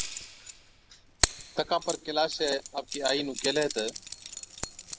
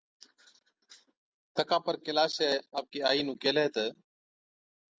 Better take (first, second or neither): second